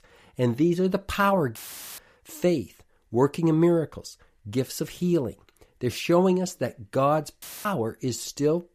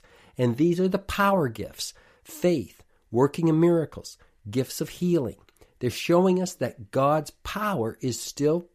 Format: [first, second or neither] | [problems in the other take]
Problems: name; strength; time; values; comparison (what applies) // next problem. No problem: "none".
second | audio cutting out; filled with static; at 1.5 s and at 7.5 s